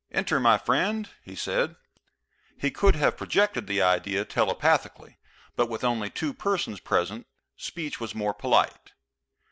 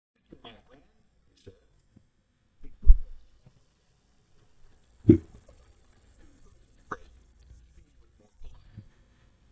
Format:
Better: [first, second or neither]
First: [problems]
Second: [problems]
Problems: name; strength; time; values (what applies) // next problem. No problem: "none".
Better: first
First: none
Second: noise reduction (neural mask model DeepFilterNet 3)